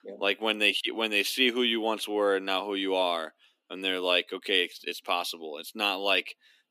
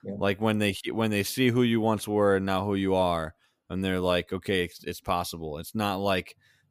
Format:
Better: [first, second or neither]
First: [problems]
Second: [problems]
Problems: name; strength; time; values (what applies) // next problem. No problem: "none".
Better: second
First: thin; very slightly; fading below 250 Hz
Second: none